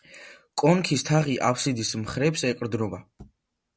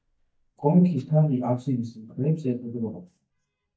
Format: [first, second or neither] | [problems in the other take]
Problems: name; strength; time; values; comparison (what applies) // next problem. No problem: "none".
first | noise reduction (neural mask model DeepFilterNet 3)